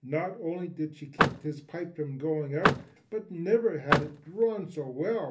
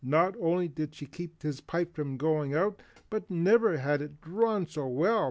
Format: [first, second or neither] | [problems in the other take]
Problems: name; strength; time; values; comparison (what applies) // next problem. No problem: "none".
second | background sound (Vehicle); as loud as the speech // room echo; dies away in 0.3 s